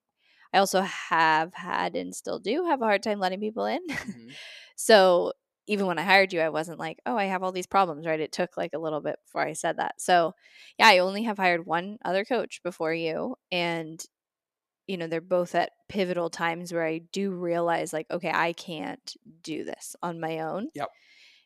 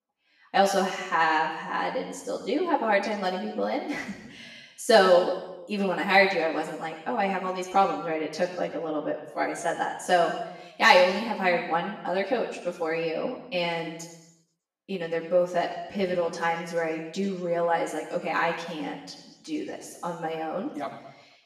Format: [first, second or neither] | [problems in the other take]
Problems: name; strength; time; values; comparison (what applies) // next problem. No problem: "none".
first | room echo; noticeable; dies away in 1 s // off-mic speech; far